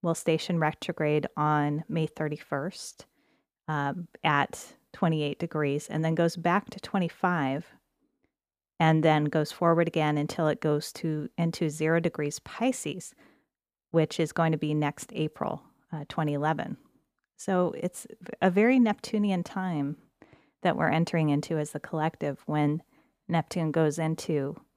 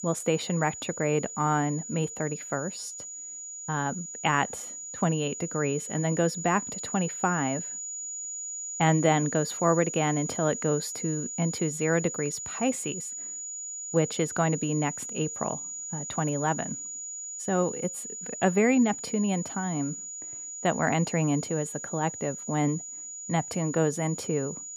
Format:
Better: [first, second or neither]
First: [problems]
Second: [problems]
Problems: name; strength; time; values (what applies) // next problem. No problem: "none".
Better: first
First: none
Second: high-pitched whine; loud; throughout; 7 kHz, 7 dB below the speech